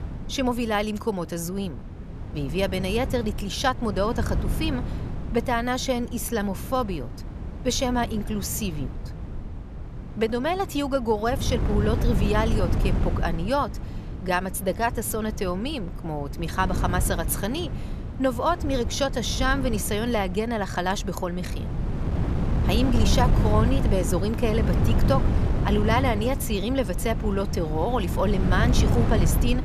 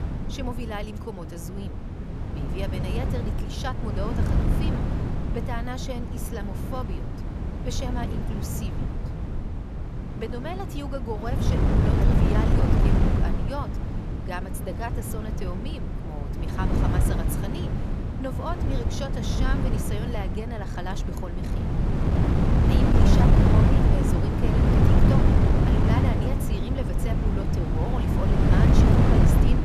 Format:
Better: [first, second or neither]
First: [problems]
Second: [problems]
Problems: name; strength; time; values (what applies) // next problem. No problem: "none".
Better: first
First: wind noise on the microphone; occasional gusts; 10 dB below the speech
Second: wind noise on the microphone; heavy; 3 dB above the speech